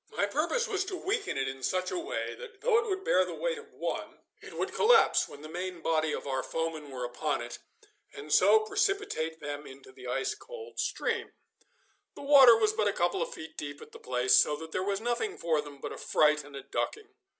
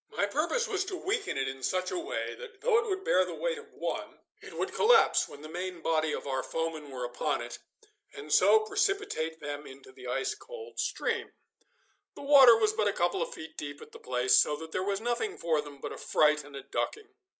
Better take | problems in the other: first | noise reduction (neural mask model Resemble Enhance denoiser)

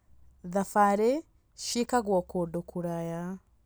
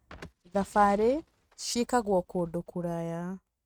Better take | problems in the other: first | noise reduction (neural mask model RNNoise)

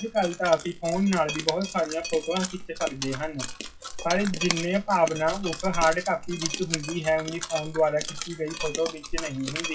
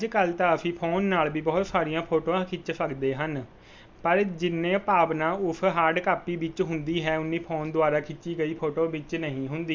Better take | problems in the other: second | noise reduction (classical method WPE with log-MMSE)

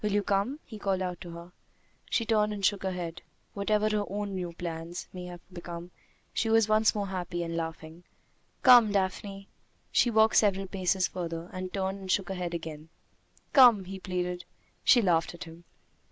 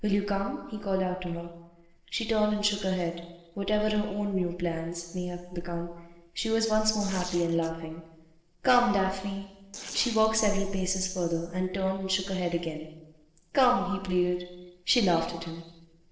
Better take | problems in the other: first | noise reduction (neural separator model SepFormer DNS4)

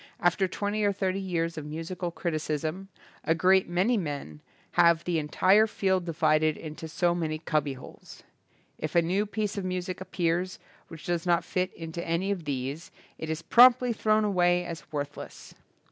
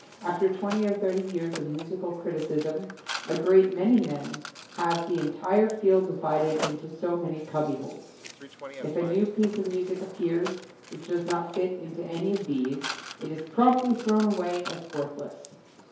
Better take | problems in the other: first | background sound (Mechanisms); 15 dB below the speech // room echo; dies away in 2.4 s

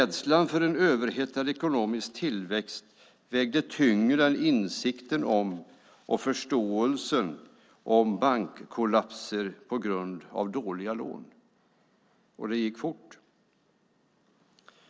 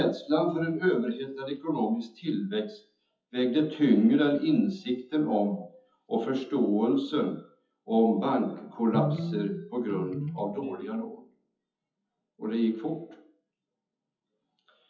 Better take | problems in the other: first | noise reduction (classical method WPE with log-MMSE)

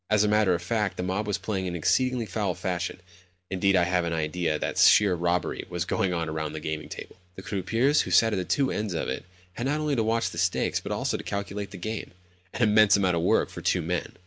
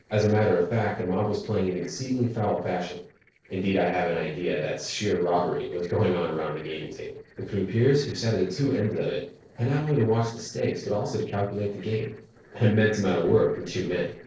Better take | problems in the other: first | noise reduction (neural separator model SepFormer DNS4)

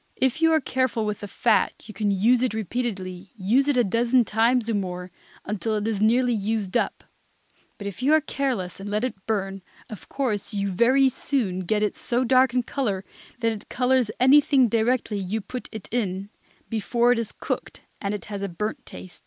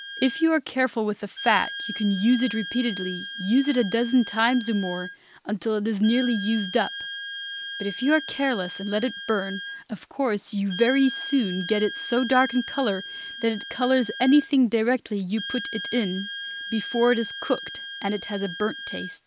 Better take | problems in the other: first | background sound (Wind instrument, woodwind instrument); 11 dB below the speech

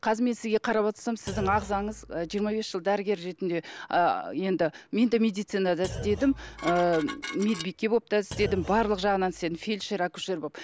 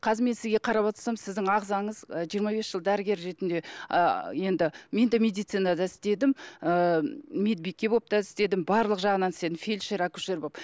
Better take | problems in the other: second | background sound (Thump, thud + Dishes, pots, and pans); 12 dB below the speech

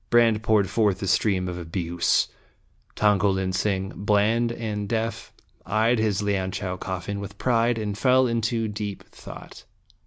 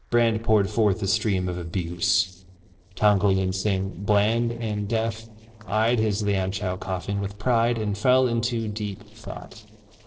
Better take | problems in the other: first | noise reduction (neural separator model SepFormer DNS4)

